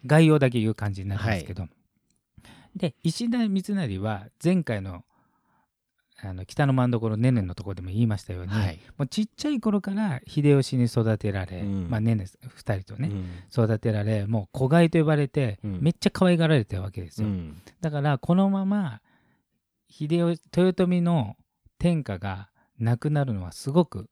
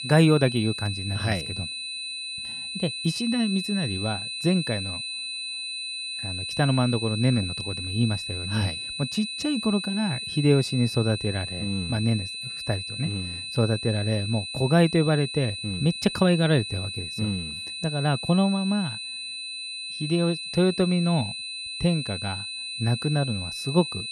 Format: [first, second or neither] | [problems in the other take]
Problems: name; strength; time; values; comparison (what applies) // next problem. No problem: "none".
first | high-pitched whine; loud; throughout; 4 kHz, 5 dB below the speech